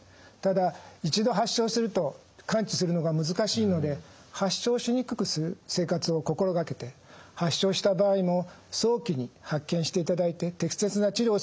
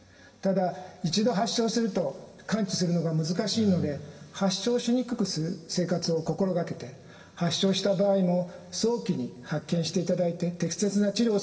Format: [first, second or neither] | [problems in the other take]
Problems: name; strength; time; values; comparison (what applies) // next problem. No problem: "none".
first | room echo; dies away in 2.2 s